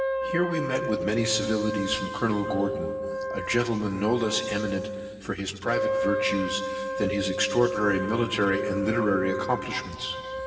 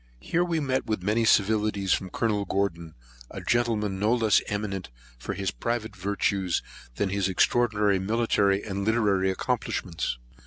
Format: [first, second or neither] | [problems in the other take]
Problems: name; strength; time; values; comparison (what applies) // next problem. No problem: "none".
second | background sound (Wind instrument, woodwind instrument); 4 dB below the speech // room echo; dies away in 2.6 s